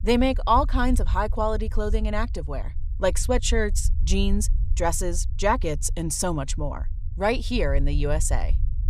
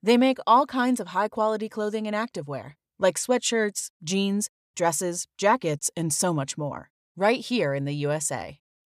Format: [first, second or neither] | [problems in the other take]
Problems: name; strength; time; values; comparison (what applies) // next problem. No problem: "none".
second | low rumble; faint; throughout; 25 dB below the speech